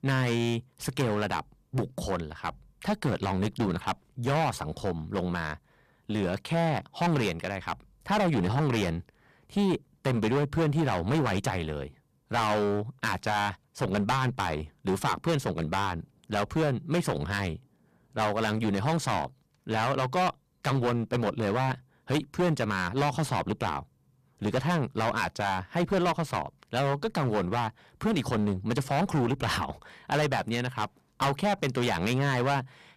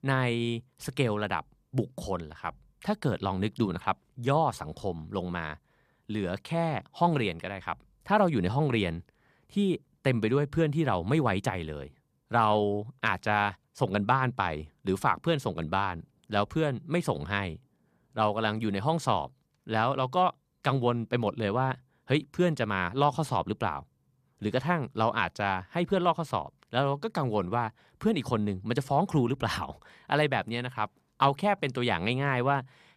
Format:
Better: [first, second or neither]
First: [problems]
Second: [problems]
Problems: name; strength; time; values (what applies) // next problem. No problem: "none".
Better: second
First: distortion; heavy; 16% of the sound clipped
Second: none